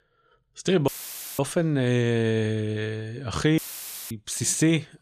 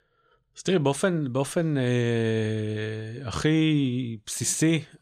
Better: second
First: audio cutting out; filled with static; at 1 s for 0.5 s and at 3.5 s for 0.5 s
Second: none

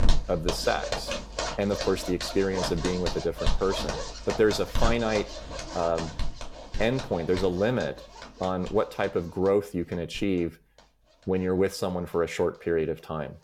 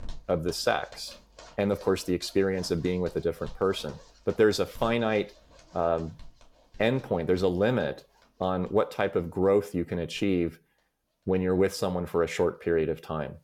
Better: second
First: household noises; loud; throughout; 6 dB below the speech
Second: household noises; faint; throughout; 25 dB below the speech

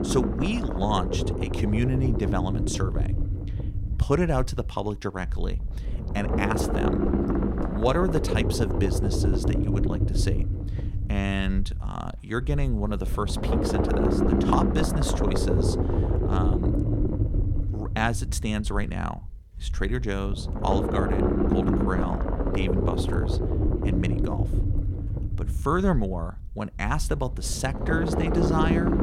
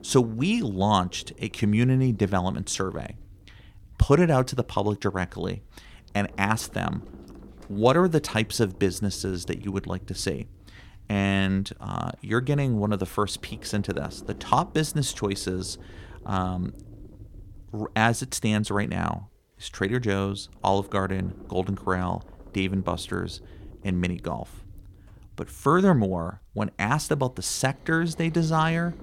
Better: second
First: low rumble; loud; throughout; 1 dB below the speech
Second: low rumble; faint; throughout; 25 dB below the speech

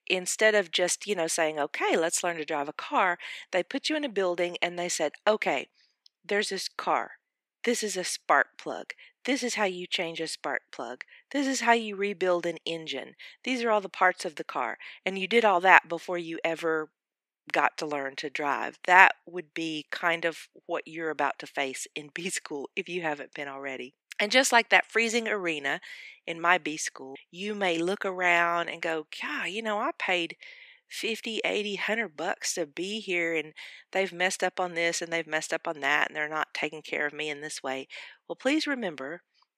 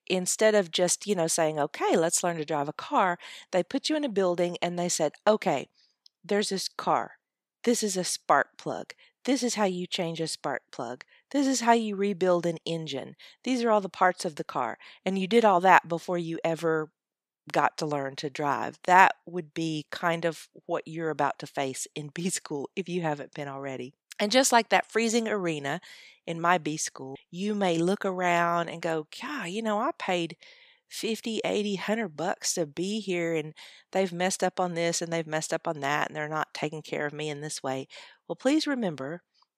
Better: second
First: thin; very slightly; fading below 300 Hz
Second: none

